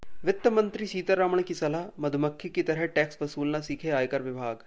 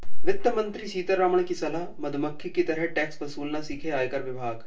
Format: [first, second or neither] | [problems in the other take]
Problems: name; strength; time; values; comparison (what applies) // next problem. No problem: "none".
first | room echo; dies away in 0.2 s